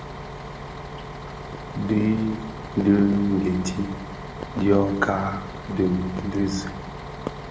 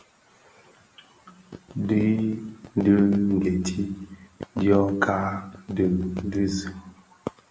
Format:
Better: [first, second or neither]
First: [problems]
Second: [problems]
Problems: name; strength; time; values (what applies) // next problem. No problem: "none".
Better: second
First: background sound (Bus); 11 dB below the speech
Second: none